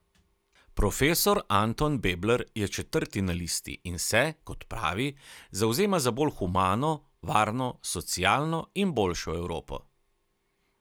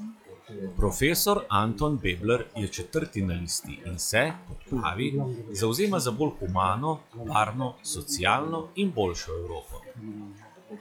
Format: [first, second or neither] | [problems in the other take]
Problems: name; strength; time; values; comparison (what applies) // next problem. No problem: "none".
first | noise reduction (classical method log-MMSE)